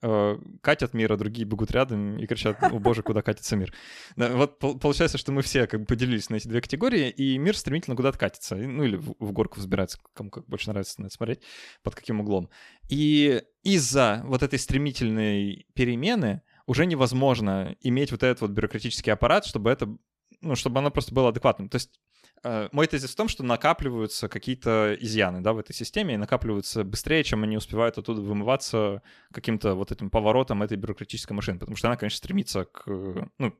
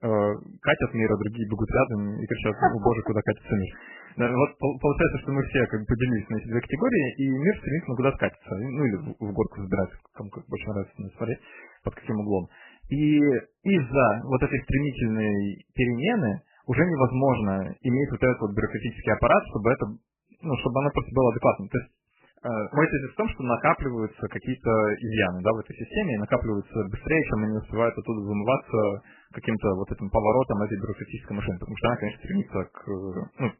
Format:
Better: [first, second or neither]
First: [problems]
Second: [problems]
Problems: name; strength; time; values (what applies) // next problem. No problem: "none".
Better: first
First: none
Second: garbled, watery; badly; nothing above 3 kHz